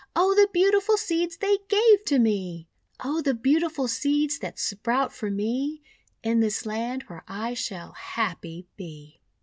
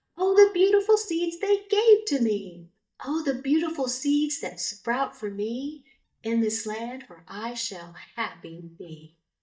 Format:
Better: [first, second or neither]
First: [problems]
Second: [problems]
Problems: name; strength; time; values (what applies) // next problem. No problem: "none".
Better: first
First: none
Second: noise reduction (neural mask model DeepFilterNet 3)